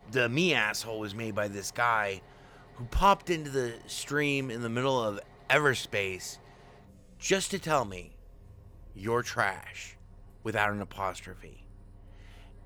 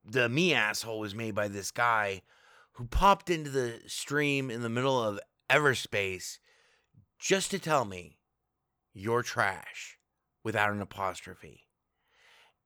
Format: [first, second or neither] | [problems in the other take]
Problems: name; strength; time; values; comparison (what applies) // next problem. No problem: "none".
second | traffic noise; faint; throughout; 25 dB below the speech